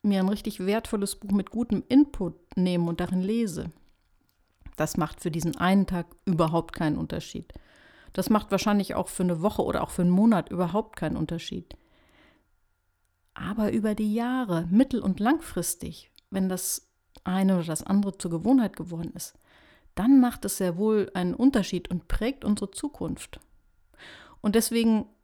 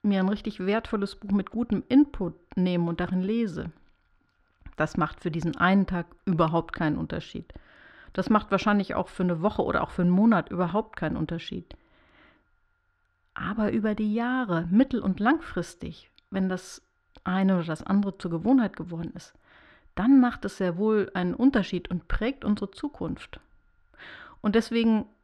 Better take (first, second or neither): first